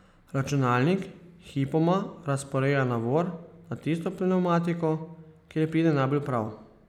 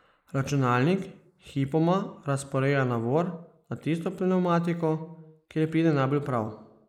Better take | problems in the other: first | noise reduction (neural mask model Resemble Enhance denoiser)

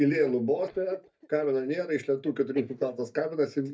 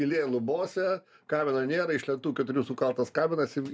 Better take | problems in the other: second | noise reduction (neural mask model DeepFilterNet 3)

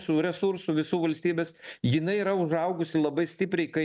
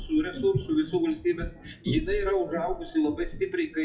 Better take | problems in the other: first | noise reduction (classical method WPE with log-MMSE)

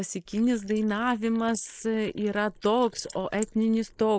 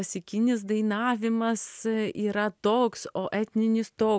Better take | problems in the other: second | noise reduction (neural mask model Resemble Enhance denoiser)

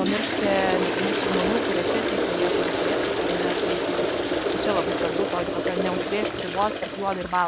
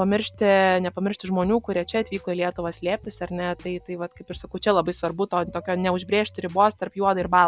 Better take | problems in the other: second | background sound (Toilet flush); 3 dB above the speech

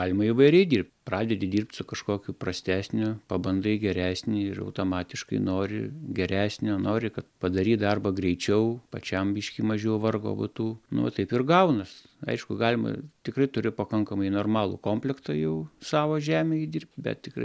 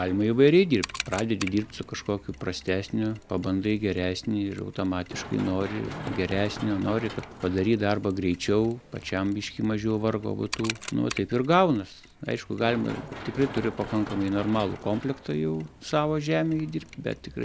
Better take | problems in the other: first | background sound (Mechanisms + Run); 14 dB below the speech

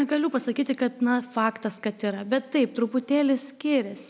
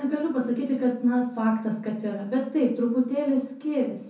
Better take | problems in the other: first | room echo; dies away in 0.6 s

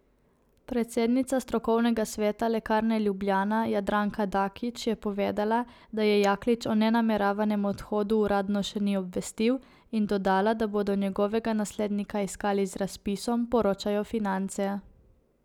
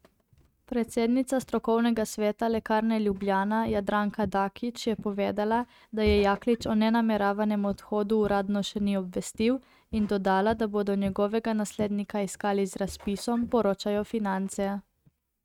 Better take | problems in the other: first | noise reduction (neural mask model RNNoise)

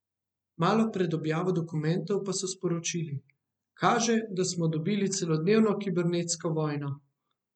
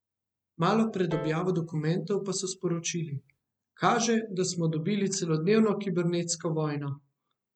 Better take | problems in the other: first | background sound (Piano); 17 dB below the speech

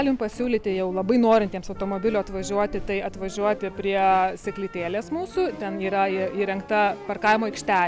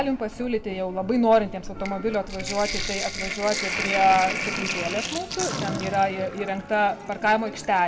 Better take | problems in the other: first | background sound (Sink (filling or washing)); 8 dB below the speech // room echo; dies away in 1 s

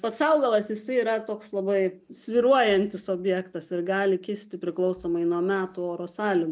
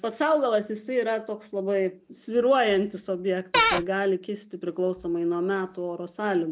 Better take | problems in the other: first | background sound (Cupboard open or close / Door); 4 dB above the speech

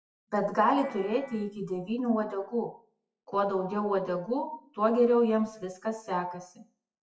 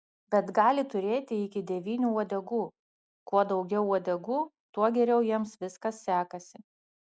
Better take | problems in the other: second | noise reduction (classical method WPE with log-MMSE)

